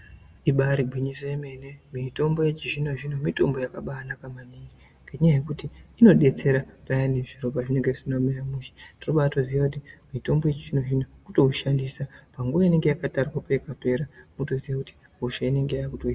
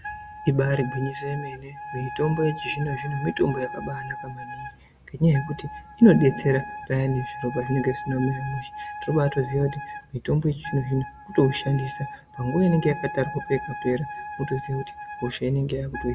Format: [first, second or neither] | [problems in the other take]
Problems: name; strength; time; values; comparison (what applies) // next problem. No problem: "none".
first | background sound (Wind instrument, woodwind instrument); 12 dB below the speech